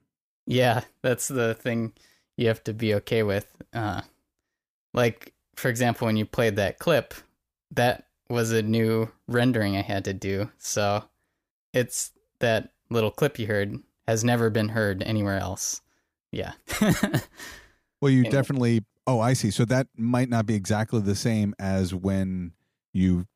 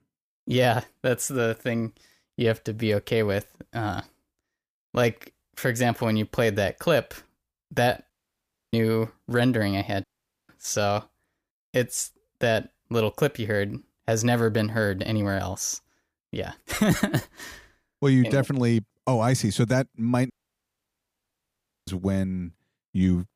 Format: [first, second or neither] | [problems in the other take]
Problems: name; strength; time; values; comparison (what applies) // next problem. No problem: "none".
first | audio cutting out; at 8 s for 0.5 s, at 10 s and at 20 s for 1.5 s